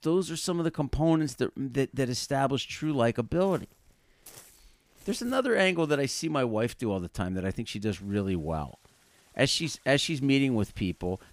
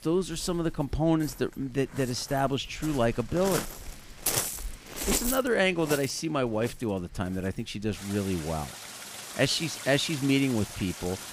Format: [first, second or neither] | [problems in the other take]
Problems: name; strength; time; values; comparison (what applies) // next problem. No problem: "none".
first | rain or running water; loud; throughout; 7 dB below the speech; faint in the first